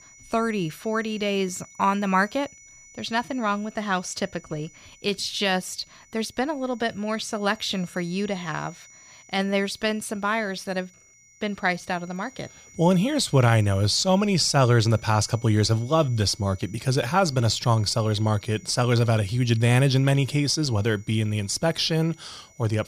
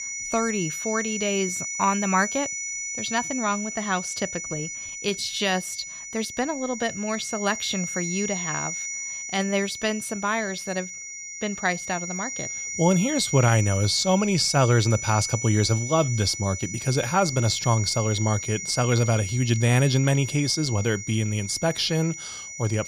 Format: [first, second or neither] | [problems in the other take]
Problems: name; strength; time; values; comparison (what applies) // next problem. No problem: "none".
first | high-pitched whine; loud; throughout; 6 kHz, 6 dB below the speech; faint in the first